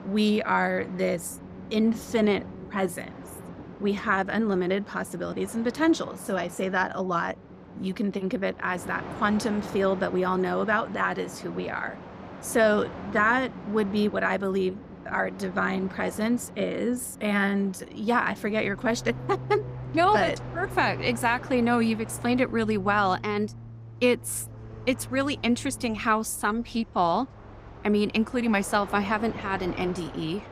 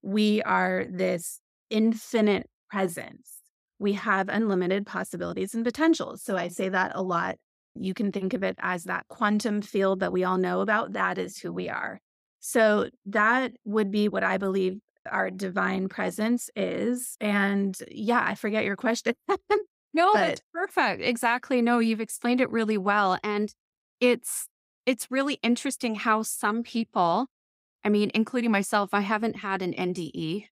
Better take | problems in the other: second | train or aircraft noise; noticeable; throughout; 15 dB below the speech

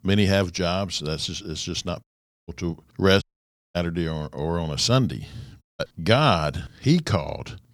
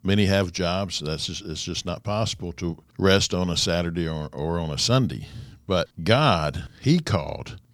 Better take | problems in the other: second | audio cutting out; at 2 s, at 3 s for 0.5 s and at 5.5 s

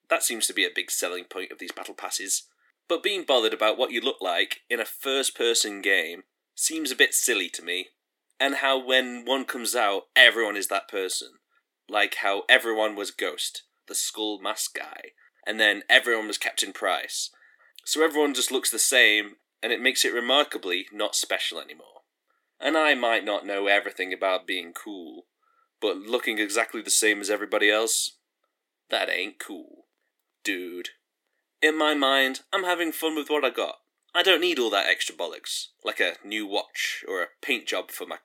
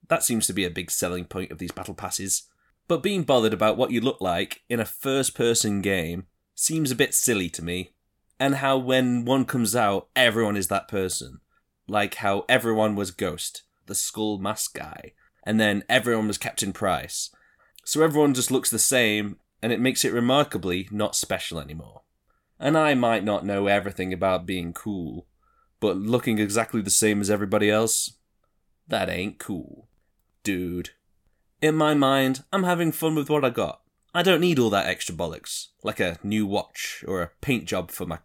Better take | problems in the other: second | thin; somewhat; fading below 300 Hz

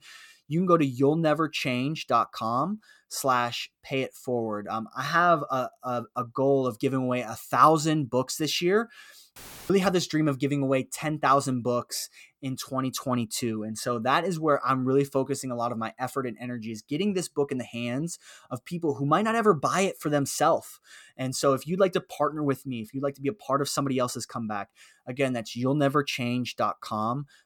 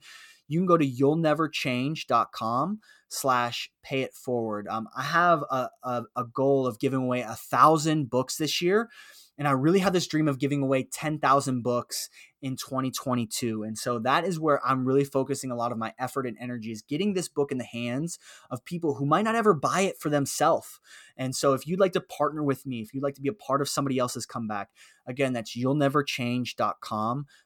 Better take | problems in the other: second | audio cutting out; filled with static; at 9.5 s

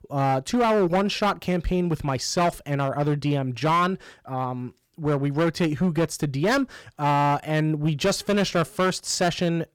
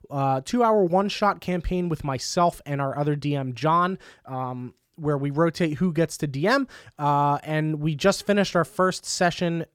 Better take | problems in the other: second | distortion; slight; 10% of the sound clipped

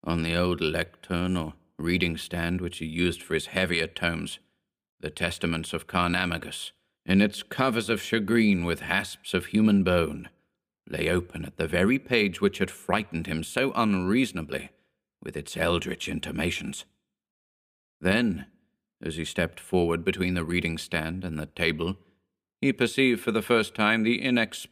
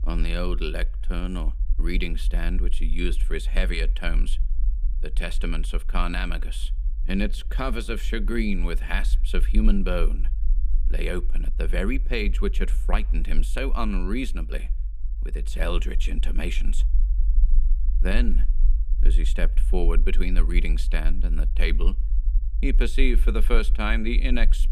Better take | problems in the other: first | low rumble; faint; throughout; 20 dB below the speech

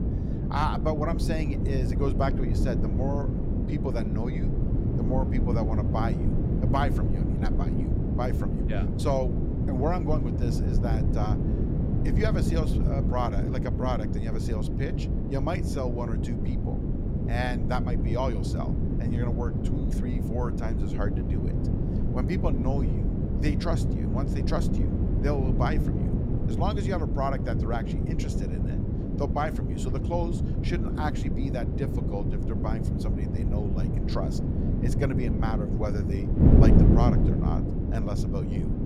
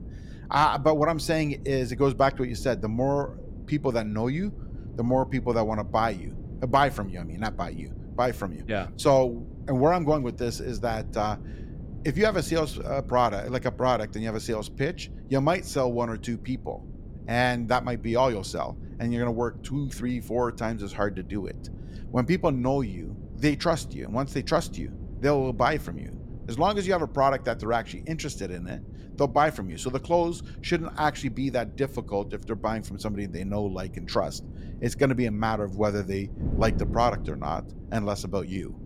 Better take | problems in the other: second | wind noise on the microphone; heavy; 2 dB below the speech; occasional gusts in the second

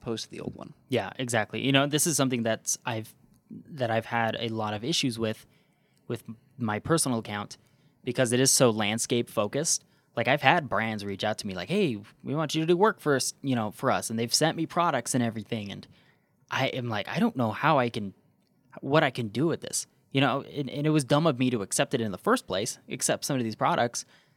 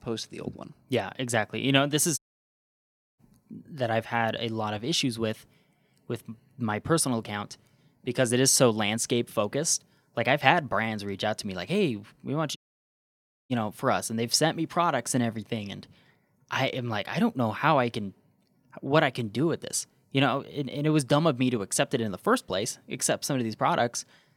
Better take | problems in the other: first | audio cutting out; at 2 s for 1 s and at 13 s for 1 s

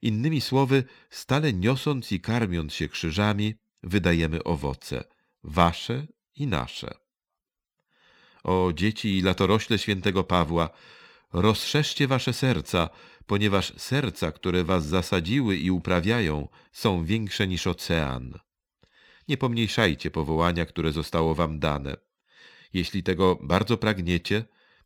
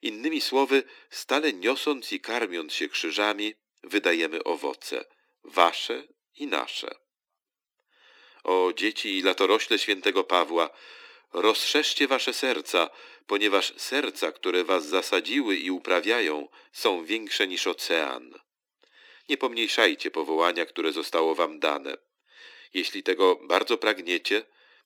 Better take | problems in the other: first | thin; somewhat; fading below 300 Hz

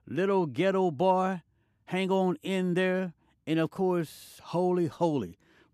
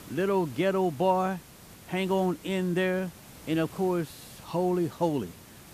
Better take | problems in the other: first | hiss; noticeable; throughout; 20 dB below the speech

